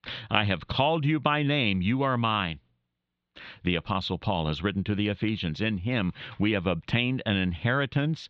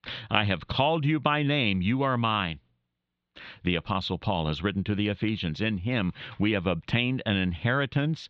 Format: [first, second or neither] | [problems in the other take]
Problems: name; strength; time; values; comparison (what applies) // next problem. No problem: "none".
neither | muffled; slightly; fading above 4 kHz; the same in both